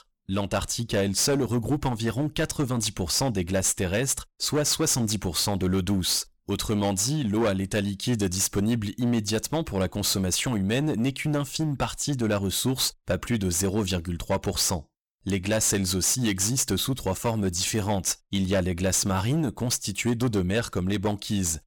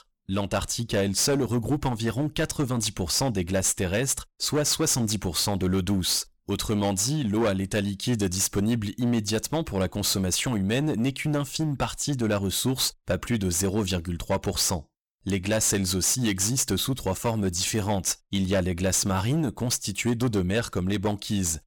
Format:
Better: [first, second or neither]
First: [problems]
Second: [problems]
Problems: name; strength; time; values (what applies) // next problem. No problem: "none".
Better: neither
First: distortion; slight; 11% of the sound clipped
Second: distortion; slight; 11% of the sound clipped